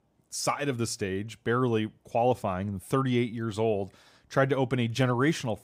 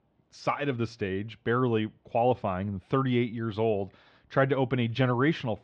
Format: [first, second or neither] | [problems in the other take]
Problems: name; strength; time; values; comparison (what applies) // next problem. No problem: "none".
first | muffled; slightly; fading above 4 kHz